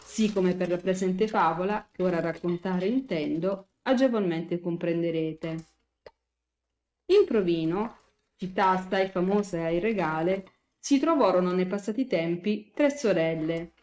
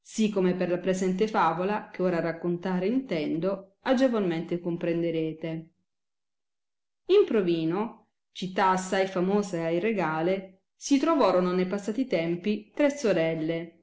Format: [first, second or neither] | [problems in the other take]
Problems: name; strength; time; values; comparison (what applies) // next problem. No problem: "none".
second | noise reduction (neural mask model RNNoise)